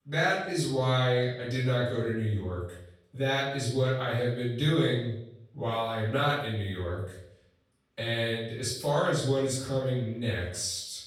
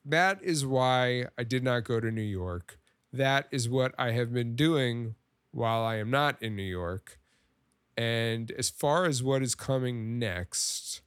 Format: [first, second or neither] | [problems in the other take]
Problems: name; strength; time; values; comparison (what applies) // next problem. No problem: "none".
second | off-mic speech; far // room echo; noticeable; dies away in 0.6 s